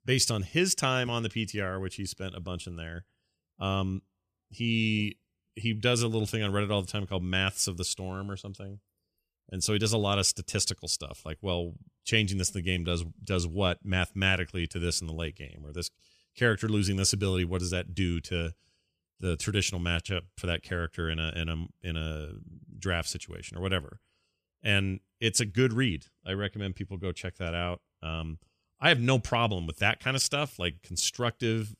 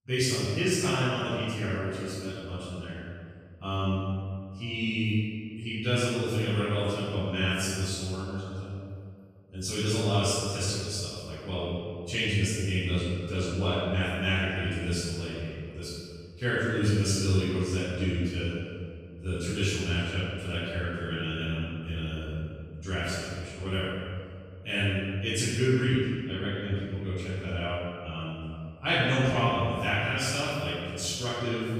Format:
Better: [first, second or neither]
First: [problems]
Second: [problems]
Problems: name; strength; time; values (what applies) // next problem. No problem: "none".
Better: first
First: none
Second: off-mic speech; far // room echo; strong; dies away in 1.9 s